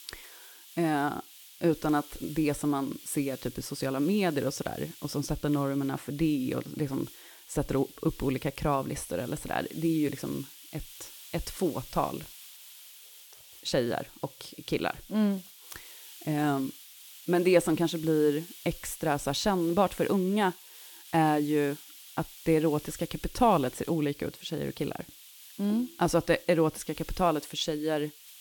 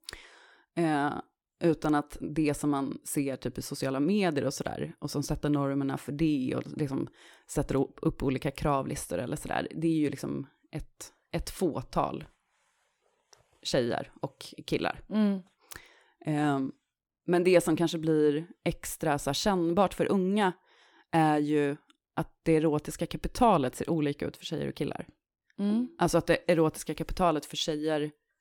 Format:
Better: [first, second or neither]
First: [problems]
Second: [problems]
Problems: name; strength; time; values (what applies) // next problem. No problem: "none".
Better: second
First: hiss; noticeable; throughout; 15 dB below the speech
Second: none